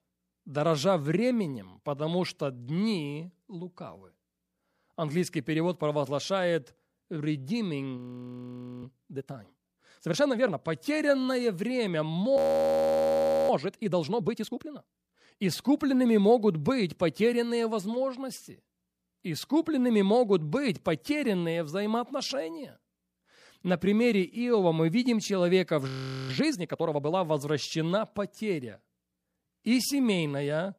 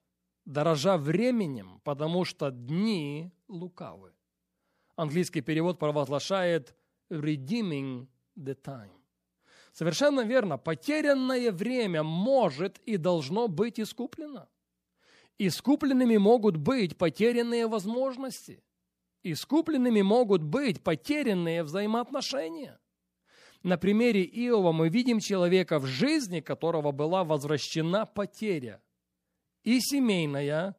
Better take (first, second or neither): second